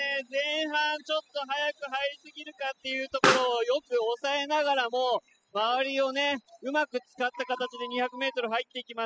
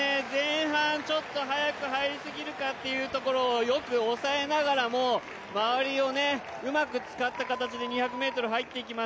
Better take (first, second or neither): second